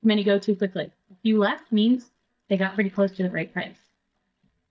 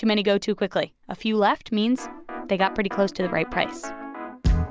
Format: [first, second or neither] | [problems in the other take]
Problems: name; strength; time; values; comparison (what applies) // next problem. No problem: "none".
second | noise reduction (neural mask model DeepFilterNet 3)